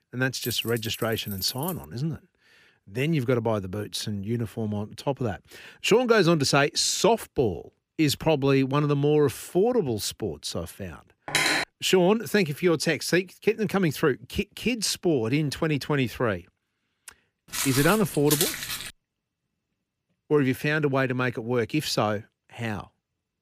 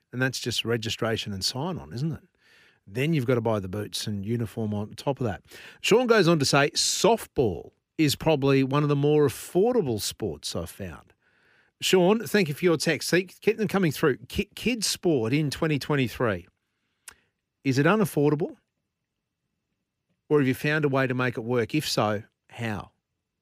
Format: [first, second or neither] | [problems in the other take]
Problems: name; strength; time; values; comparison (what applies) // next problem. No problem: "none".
second | jangling keys; noticeable; until 2 s; peak 10 dB below the speech // clattering dishes; loud; at 11 s; peak 3 dB above the speech // footsteps; loud; from 18 to 19 s; peak level with the speech